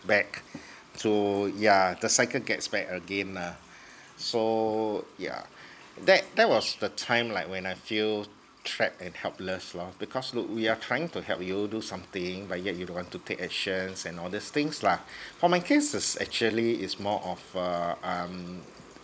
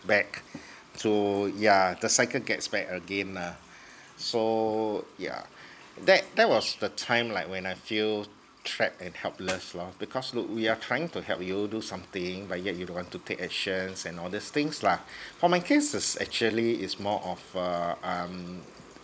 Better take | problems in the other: first | background sound (Clapping); 11 dB below the speech

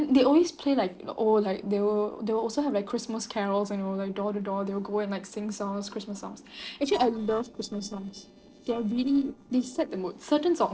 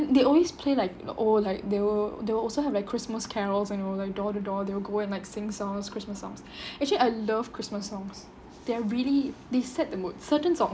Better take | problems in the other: second | noise reduction (neural separator model SepFormer DNS4)

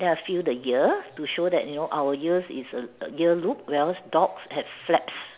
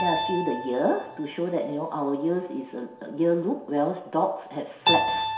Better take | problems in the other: first | background sound (Keyboard (musical)); 4 dB below the speech // room echo; dies away in 0.7 s

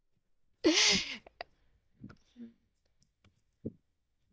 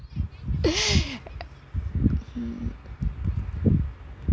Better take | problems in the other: second | noise reduction (neural mask model DeepFilterNet 3)

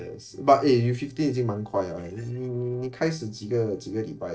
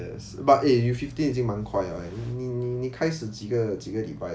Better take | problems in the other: second | noise reduction (neural separator model SepFormer DNS4)

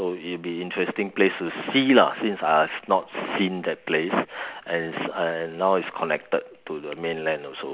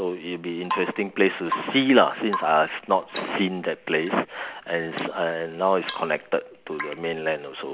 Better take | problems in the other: first | background sound (Drip / Water tap, faucet / Rain); 13 dB below the speech

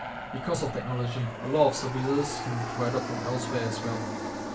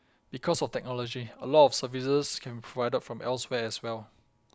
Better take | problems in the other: second | background sound (Aircraft); 5 dB below the speech // room echo; dies away in 0.3 s

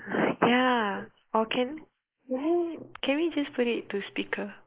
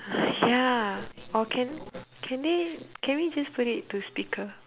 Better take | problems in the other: second | noise reduction (neural mask model Resemble Enhance denoiser)

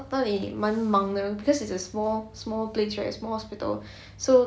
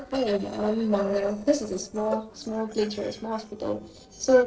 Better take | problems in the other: first | noise reduction (neural separator model SepFormer DNS4)

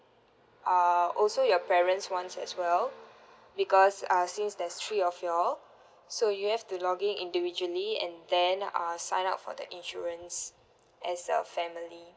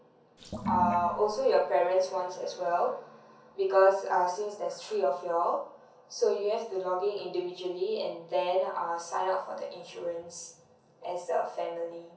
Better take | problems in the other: first | background sound (Sink (filling or washing) / Water); 7 dB below the speech // room echo; dies away in 0.6 s

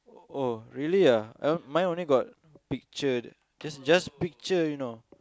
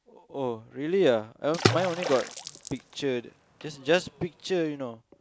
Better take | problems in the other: first | background sound (Water / Splash, splatter); 4 dB below the speech

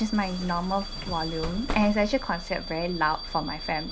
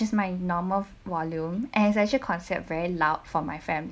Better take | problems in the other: second | background sound (Bus / Alarm); 7 dB below the speech

